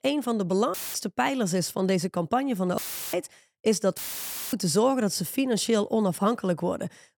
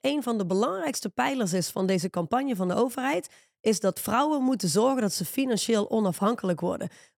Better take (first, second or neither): second